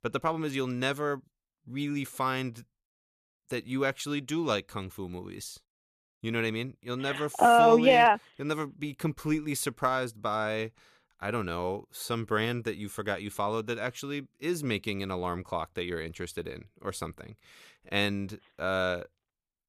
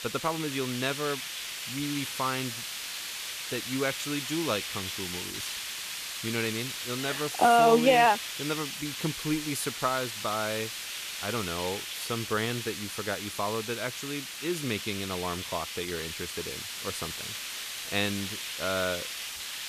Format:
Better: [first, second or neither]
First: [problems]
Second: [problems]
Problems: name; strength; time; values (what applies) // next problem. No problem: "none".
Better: first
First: none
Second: hiss; loud; throughout; 4 dB below the speech